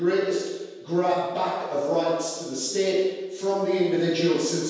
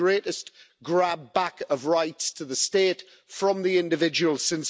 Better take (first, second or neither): second